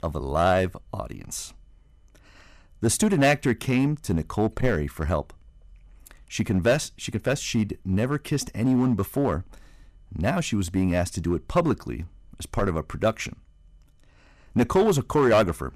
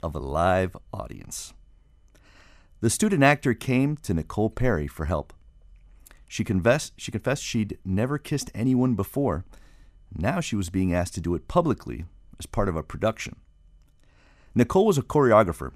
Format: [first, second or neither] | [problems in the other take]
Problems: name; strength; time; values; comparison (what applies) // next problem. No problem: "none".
second | distortion; slight; 3% of the sound clipped